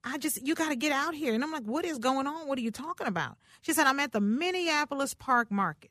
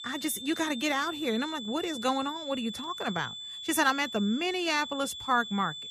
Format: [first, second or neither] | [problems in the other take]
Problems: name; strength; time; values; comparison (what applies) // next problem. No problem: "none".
first | high-pitched whine; loud; throughout; 3.5 kHz, 8 dB below the speech